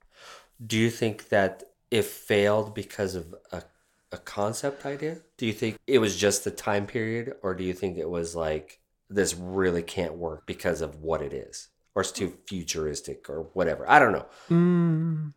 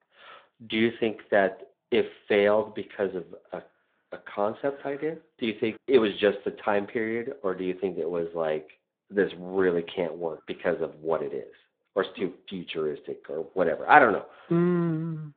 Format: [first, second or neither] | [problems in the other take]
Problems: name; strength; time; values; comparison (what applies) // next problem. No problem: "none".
first | phone-call audio; nothing above 3.5 kHz